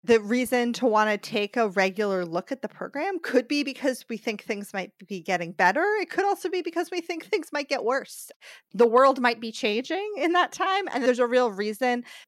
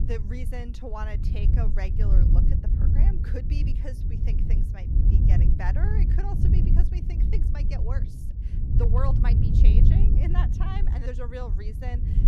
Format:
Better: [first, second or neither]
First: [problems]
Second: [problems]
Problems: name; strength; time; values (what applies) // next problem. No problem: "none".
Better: first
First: none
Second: wind noise on the microphone; heavy; 1 dB below the speech